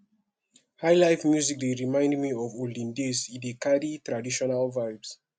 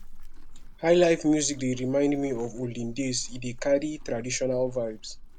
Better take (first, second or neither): first